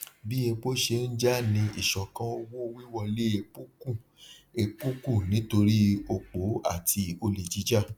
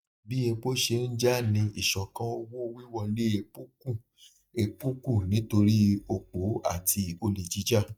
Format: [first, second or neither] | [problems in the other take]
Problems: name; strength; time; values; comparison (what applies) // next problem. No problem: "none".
first | noise reduction (neural mask model DeepFilterNet 3)